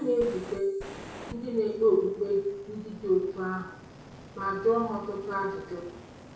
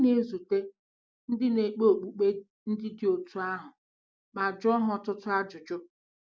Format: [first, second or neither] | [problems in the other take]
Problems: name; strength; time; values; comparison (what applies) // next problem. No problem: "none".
second | background sound (Fire); 17 dB below the speech // room echo; dies away in 0.6 s